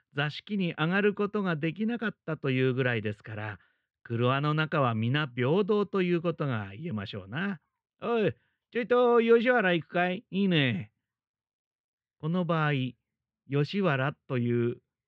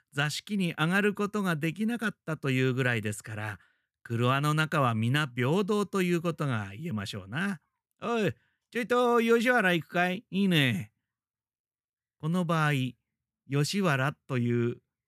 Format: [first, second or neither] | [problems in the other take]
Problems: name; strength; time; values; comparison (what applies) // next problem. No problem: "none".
second | muffled; slightly; fading above 3.5 kHz